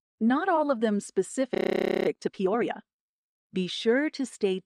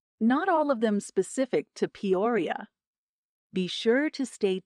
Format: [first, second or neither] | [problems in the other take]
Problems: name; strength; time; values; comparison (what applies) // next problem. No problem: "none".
second | audio freezing; at 1.5 s for 0.5 s